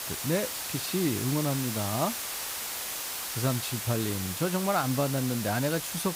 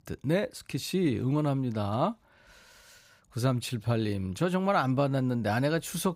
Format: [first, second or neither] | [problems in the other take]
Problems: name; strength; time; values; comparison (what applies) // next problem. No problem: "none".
second | hiss; loud; throughout; 3 dB below the speech